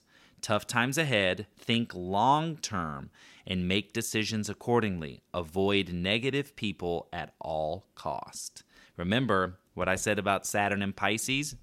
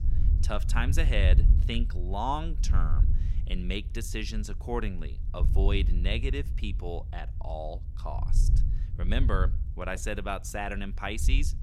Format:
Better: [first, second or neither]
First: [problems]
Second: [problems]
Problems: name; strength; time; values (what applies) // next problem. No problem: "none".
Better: first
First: none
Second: wind noise on the microphone; occasional gusts; 15 dB below the speech